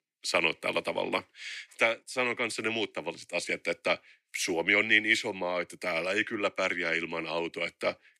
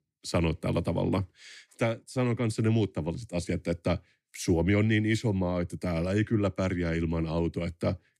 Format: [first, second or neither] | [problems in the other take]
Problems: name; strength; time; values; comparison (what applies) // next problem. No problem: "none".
second | thin; very; fading below 500 Hz